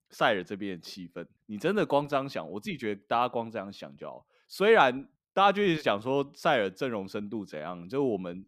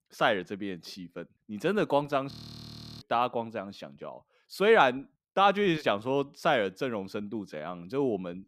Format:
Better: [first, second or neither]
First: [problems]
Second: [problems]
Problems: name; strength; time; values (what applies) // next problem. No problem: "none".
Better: first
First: none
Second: audio freezing; at 2.5 s for 0.5 s